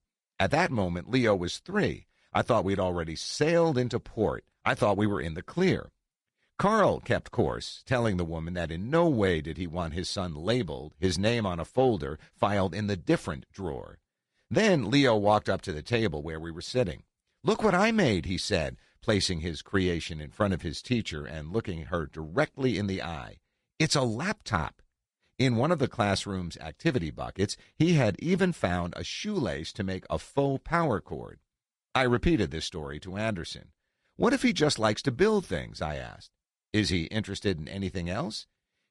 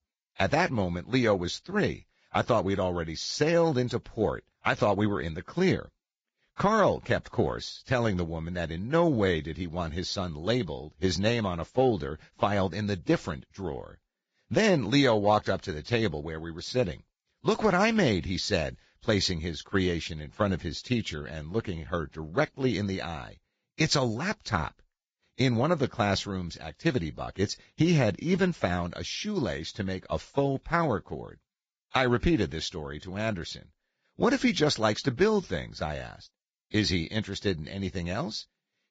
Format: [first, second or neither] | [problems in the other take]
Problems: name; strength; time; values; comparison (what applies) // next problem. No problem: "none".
first | garbled, watery; badly; nothing above 7.5 kHz; slightly in the first